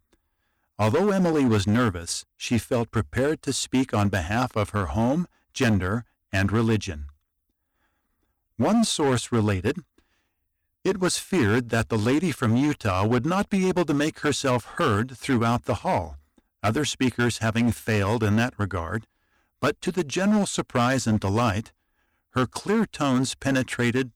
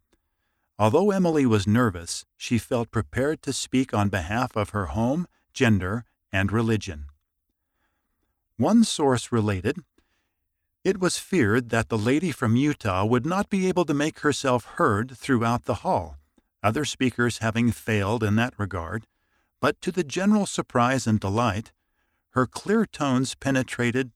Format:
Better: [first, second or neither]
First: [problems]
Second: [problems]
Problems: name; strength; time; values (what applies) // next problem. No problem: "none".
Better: second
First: distortion; slight; 9% of the sound clipped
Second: none